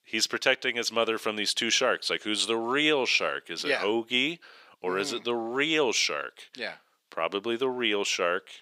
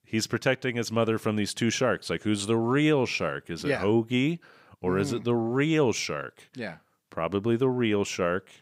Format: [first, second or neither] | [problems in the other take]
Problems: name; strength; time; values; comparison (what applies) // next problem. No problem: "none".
second | thin; somewhat; fading below 400 Hz